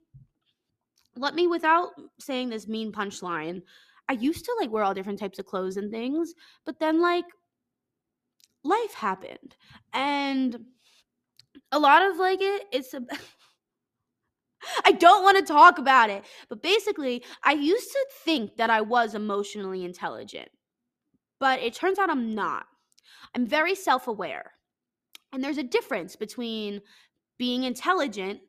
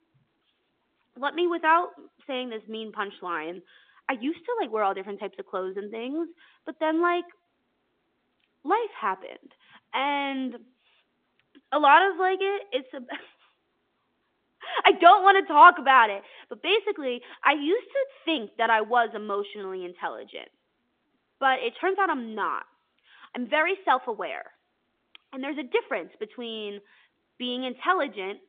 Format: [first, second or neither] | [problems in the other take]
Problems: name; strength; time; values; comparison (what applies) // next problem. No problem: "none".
first | phone-call audio; nothing above 3.5 kHz